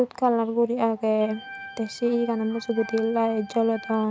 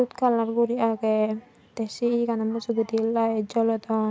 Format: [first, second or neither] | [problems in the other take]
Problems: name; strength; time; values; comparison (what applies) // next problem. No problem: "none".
second | background sound (Organ); 17 dB below the speech